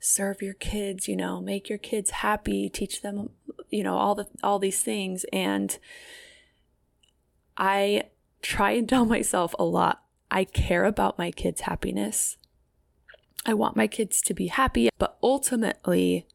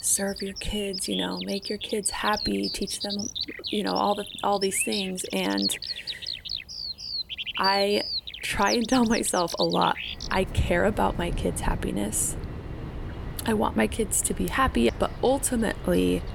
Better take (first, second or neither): first